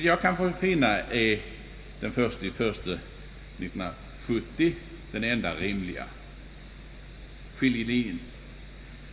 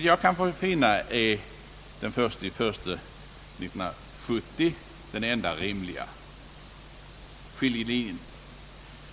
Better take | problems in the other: second | room echo; dies away in 2 s

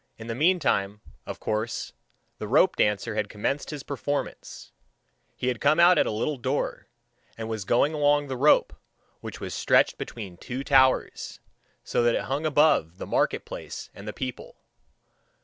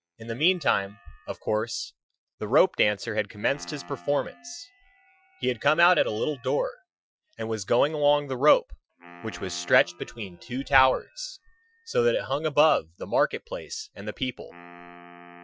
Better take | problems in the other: first | noise reduction (classical method Wiener filter)

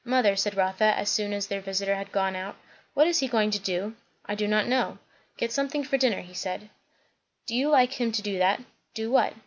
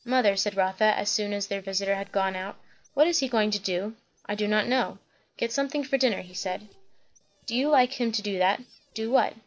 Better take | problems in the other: first | noise reduction (neural separator model SepFormer DNS4)

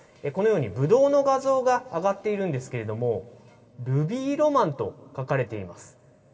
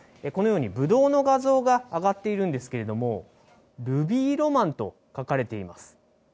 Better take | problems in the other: second | room echo; dies away in 2.8 s

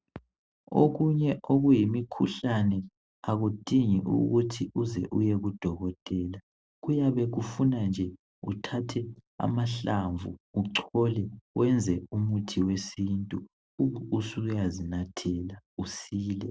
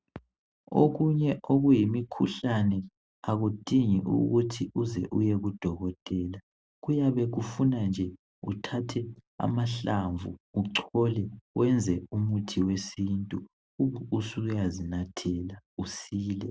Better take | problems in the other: second | noise reduction (neural separator model SepFormer DNS4)

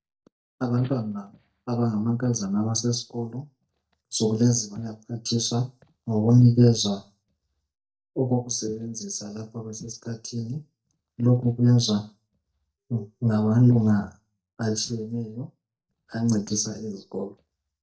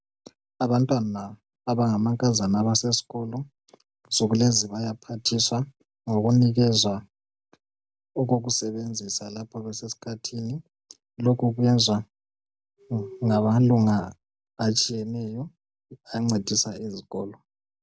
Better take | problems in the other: second | noise reduction (neural mask model DeepFilterNet 3)

